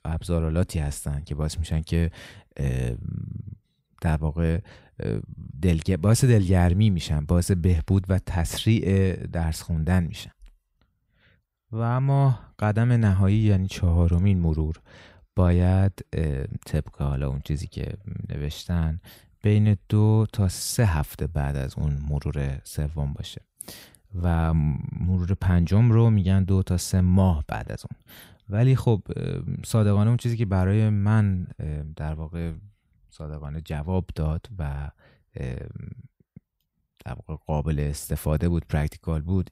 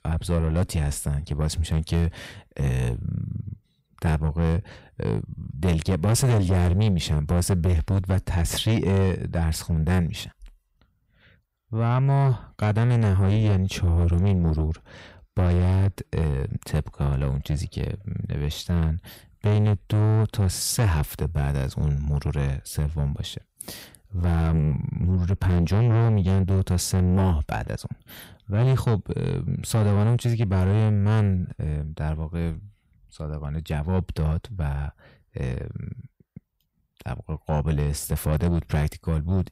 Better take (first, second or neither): first